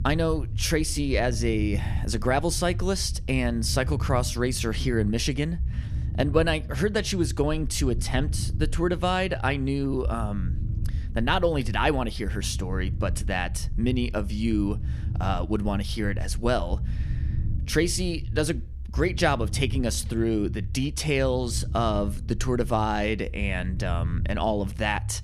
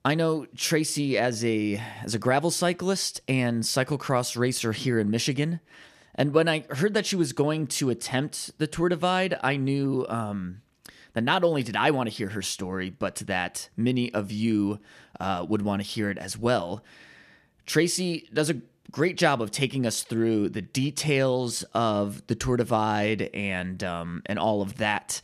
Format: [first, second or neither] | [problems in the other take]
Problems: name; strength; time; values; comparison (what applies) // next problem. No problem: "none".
second | low rumble; noticeable; throughout; 20 dB below the speech